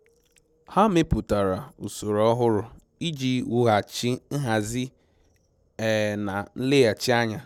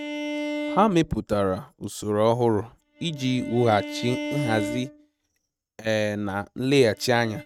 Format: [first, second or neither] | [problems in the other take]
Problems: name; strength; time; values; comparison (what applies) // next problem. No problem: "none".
first | noise reduction (neural mask model RNNoise)